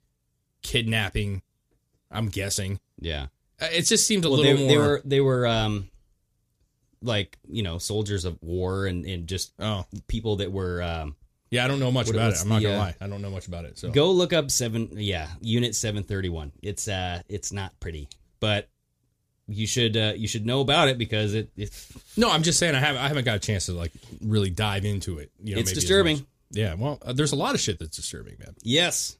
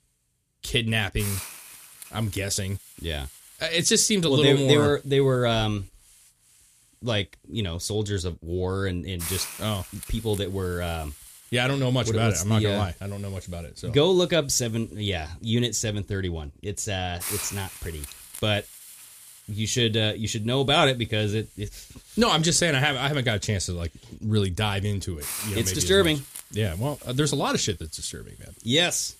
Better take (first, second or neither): first